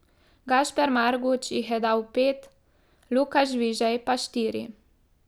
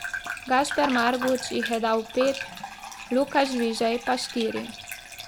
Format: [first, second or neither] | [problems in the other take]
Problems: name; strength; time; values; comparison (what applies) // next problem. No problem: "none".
first | background sound (Bathtub (filling or washing) / Gurgling); 10 dB below the speech